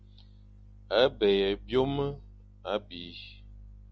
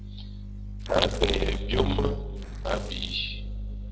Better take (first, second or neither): first